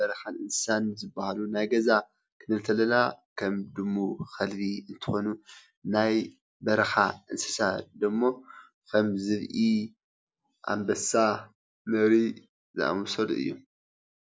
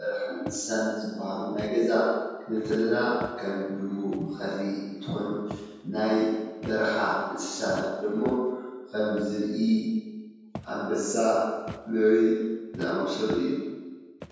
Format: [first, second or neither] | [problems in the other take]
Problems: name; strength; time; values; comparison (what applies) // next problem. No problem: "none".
first | background sound (Walk, footsteps); 18 dB below the speech // room echo; dies away in 1.2 s